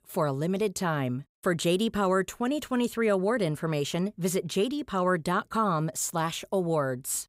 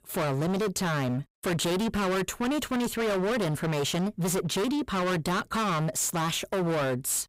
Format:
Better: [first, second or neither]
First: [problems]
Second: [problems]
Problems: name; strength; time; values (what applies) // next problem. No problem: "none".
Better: first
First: none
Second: distortion; heavy; 37% of the sound clipped